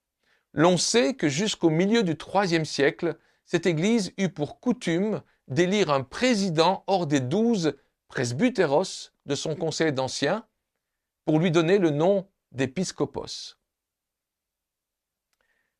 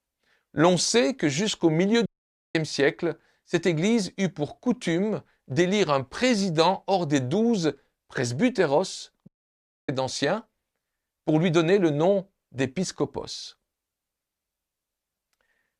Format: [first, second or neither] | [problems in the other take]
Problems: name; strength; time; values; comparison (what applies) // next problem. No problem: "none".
first | audio cutting out; at 2 s and at 9.5 s for 0.5 s